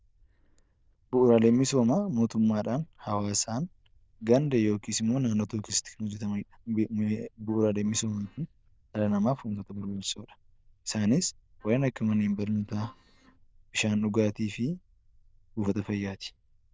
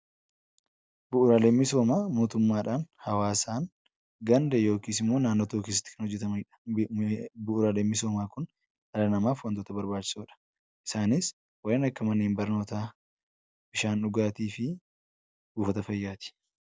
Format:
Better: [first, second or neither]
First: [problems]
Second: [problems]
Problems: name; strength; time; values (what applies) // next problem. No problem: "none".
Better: second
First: noise reduction (neural diffusion model UNIVERSE++)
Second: none